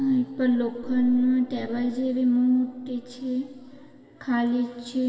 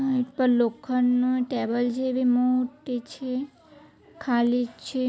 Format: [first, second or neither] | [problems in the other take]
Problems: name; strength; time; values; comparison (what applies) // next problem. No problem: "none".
second | background sound (Piano); 19 dB below the speech // room echo; dies away in 2.3 s